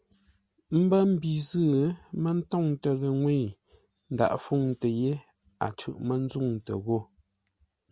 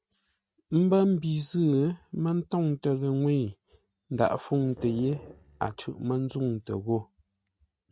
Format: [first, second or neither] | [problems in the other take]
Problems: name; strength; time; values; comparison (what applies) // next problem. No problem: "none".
first | noise reduction (neural mask model RNNoise)